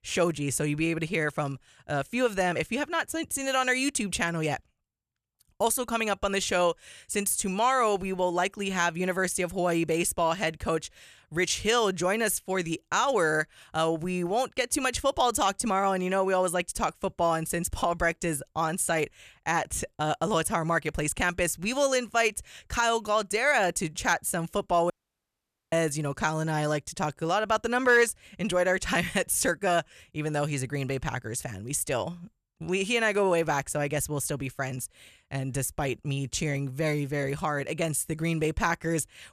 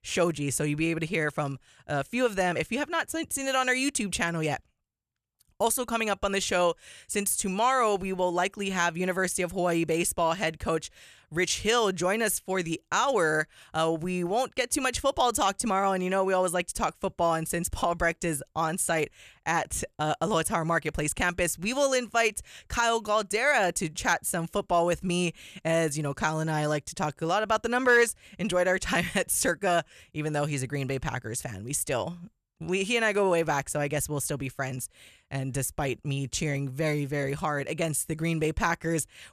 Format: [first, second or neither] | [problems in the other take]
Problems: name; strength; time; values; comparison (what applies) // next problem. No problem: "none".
second | audio cutting out; at 25 s for 1 s